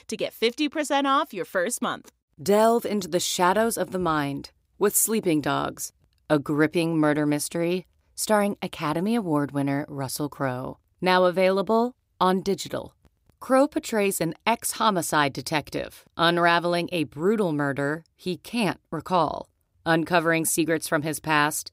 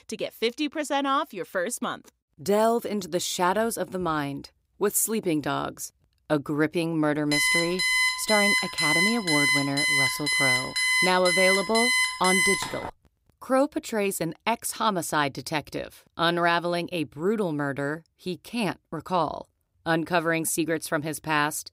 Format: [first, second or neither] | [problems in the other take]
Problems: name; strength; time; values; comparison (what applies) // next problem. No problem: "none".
first | alarm; loud; from 7.5 to 13 s; peak 6 dB above the speech